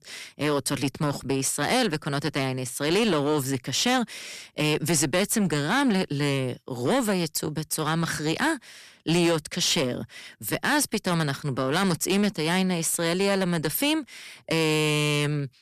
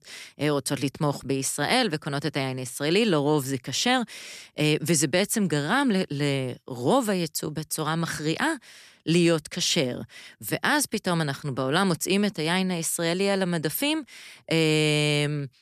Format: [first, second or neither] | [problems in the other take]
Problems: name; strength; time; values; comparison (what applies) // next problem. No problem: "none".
second | distortion; slight; 9% of the sound clipped